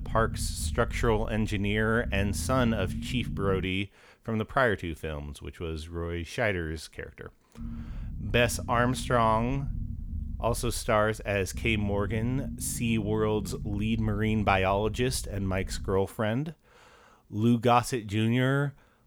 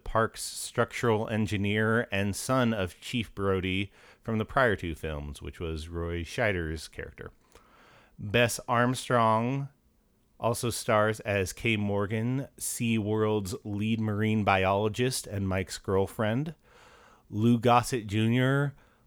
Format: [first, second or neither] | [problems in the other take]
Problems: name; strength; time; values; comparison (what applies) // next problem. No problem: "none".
second | low rumble; faint; until 3.5 s and from 7.5 to 16 s; 20 dB below the speech